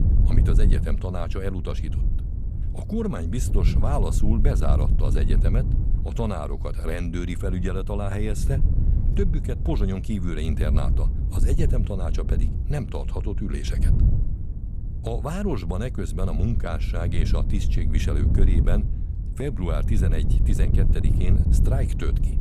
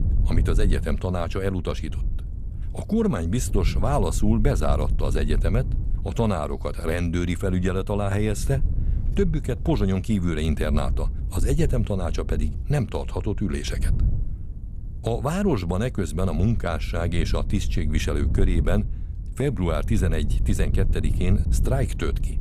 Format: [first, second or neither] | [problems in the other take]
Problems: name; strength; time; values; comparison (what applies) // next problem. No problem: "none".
second | wind noise on the microphone; heavy; 7 dB below the speech; occasional gusts in the second